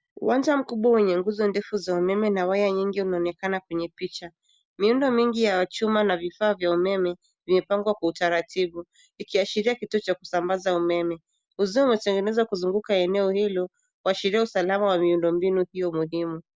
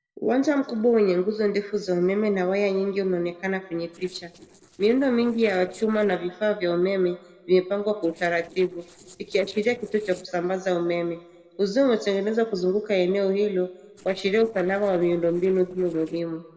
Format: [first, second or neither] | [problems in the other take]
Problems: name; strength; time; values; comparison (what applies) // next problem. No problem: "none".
first | noise reduction (neural separator model SepFormer DNS4)